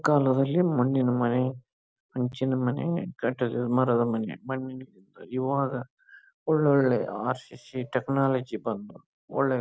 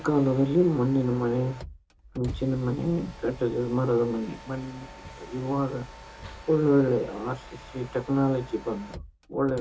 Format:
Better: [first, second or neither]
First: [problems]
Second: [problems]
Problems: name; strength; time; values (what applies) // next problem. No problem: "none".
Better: first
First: none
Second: background sound (Mechanisms); 16 dB below the speech // room echo; dies away in 0.2 s